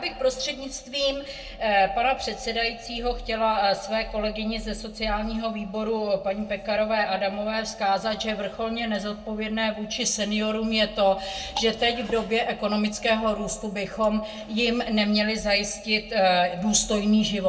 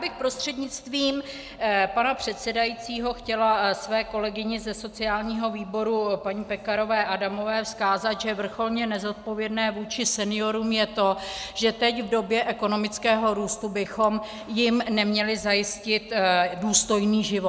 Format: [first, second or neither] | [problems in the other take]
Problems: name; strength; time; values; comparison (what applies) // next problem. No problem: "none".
second | background sound (Drip / Water); 13 dB below the speech // room echo; dies away in 0.2 s